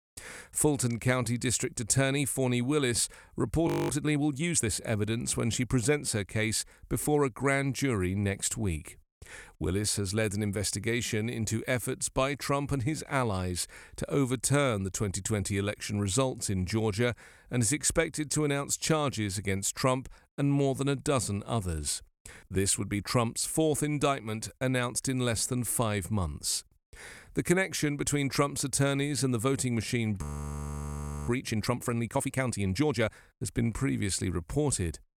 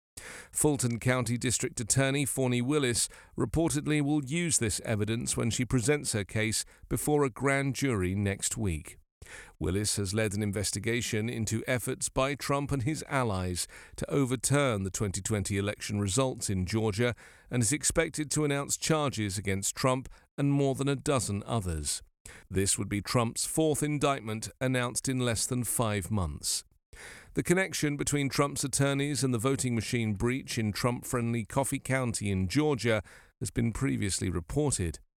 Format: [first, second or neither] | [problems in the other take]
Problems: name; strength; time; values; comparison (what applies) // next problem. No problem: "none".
second | audio freezing; at 3.5 s and at 30 s for 1 s